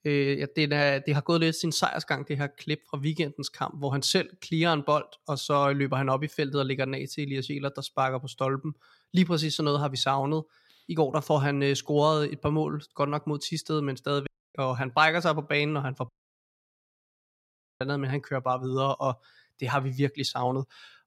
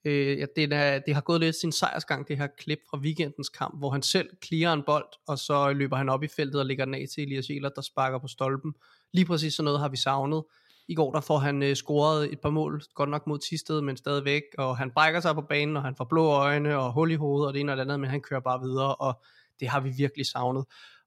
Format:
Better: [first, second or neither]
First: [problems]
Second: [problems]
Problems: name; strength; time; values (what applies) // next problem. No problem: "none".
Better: second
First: audio cutting out; at 14 s and at 16 s for 1.5 s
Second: none